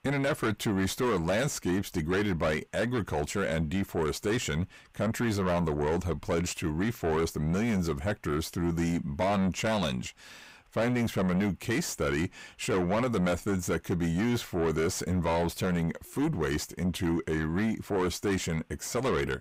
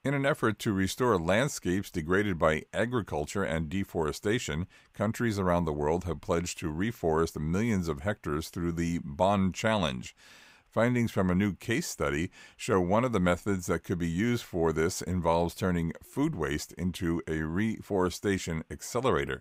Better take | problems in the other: second | distortion; heavy; 7 dB below the speech

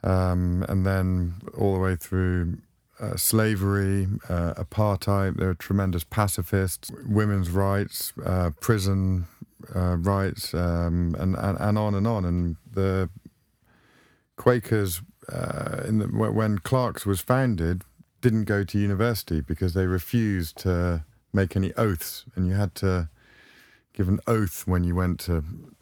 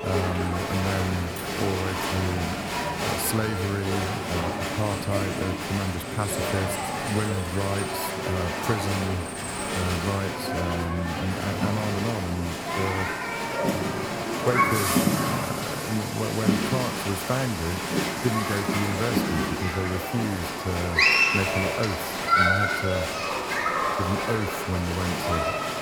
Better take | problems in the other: first | crowd noise; very loud; throughout; 3 dB above the speech

